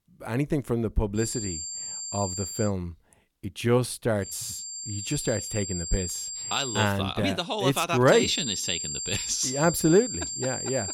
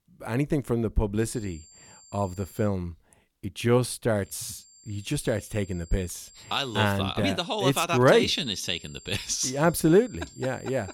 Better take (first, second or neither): second